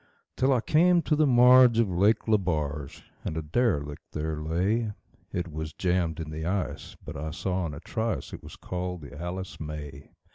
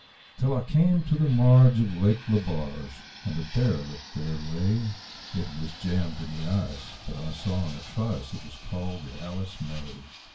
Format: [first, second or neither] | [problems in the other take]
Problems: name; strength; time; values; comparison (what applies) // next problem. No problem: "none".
first | background sound (Fixed-wing aircraft, airplane); 20 dB below the speech // room echo; dies away in 0.2 s